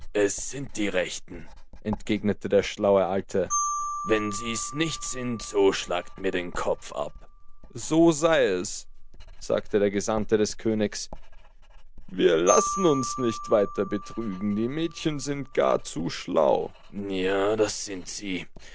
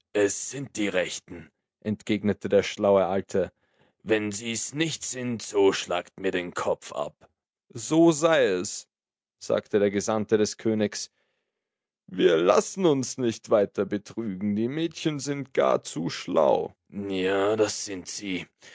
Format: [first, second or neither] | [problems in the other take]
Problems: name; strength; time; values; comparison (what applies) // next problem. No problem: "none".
second | background sound (Writing + Marimba, xylophone); 10 dB below the speech